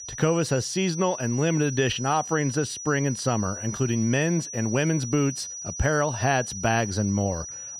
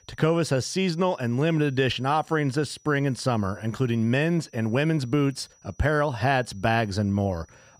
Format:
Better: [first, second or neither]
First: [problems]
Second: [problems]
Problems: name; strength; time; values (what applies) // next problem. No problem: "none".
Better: second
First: high-pitched whine; loud; throughout; 6 kHz, 9 dB below the speech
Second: high-pitched whine; faint; throughout; 6 kHz, 30 dB below the speech